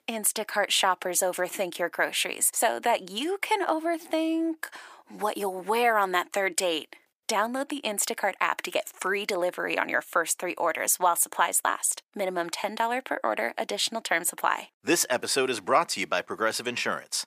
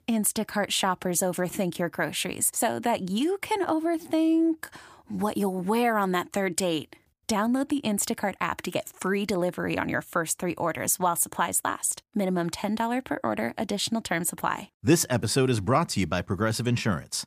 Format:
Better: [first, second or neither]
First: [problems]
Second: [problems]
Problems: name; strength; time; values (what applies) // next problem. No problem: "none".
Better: second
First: thin; somewhat; fading below 500 Hz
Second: none